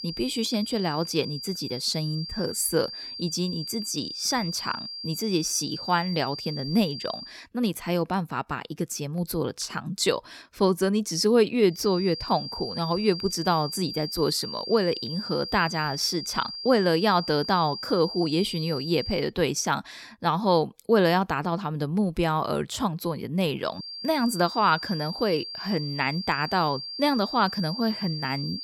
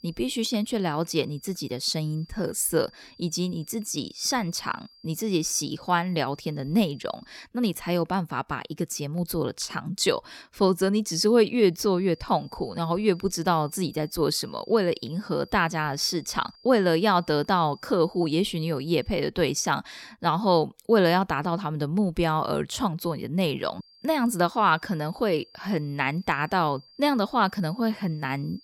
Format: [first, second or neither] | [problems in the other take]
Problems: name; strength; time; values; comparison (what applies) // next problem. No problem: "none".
second | high-pitched whine; loud; until 7.5 s, from 12 to 19 s and from 24 s on; 4.5 kHz, 8 dB below the speech; faint in the second